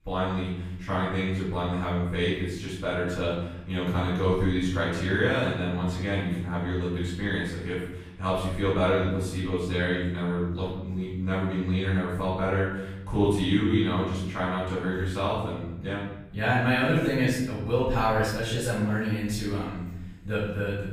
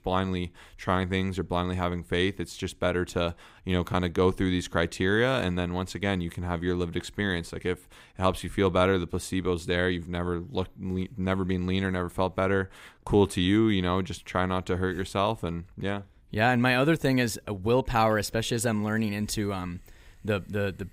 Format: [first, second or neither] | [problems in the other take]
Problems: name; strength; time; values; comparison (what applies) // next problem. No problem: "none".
second | off-mic speech; far // room echo; noticeable; dies away in 1 s